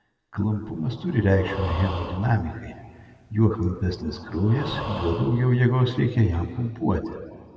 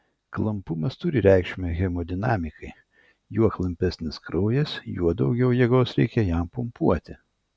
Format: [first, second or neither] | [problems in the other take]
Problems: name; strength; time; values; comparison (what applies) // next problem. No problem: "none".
second | background sound (Breathing); 14 dB below the speech // room echo; dies away in 2 s